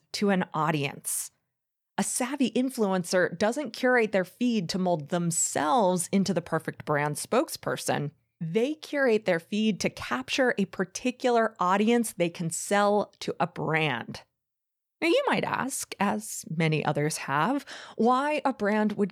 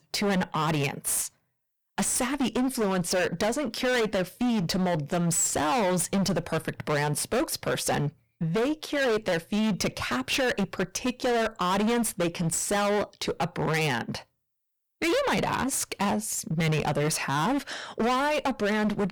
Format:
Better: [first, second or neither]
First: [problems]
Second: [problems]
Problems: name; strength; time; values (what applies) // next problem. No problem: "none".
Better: first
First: none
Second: distortion; heavy; 25% of the sound clipped